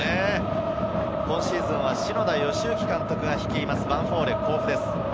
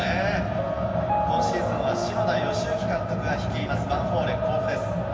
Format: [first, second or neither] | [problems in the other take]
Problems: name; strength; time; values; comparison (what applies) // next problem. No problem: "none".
first | background sound (Piano); 8 dB below the speech // room echo; dies away in 1.2 s